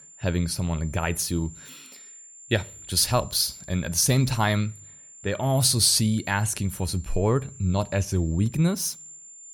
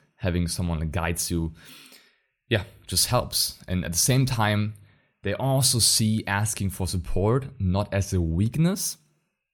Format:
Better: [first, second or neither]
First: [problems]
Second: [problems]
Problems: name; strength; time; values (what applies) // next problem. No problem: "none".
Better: second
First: high-pitched whine; noticeable; throughout; 7 kHz, 20 dB below the speech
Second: none